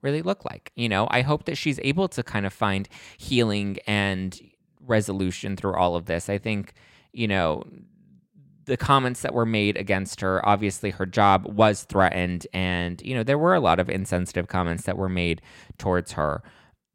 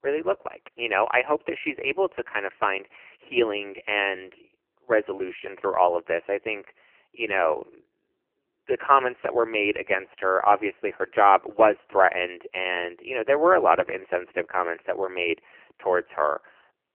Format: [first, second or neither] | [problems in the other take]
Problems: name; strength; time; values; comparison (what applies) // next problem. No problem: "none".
first | phone-call audio; poor line; nothing above 3 kHz